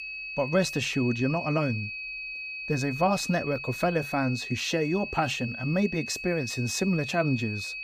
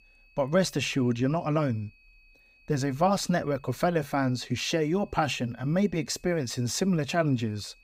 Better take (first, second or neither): second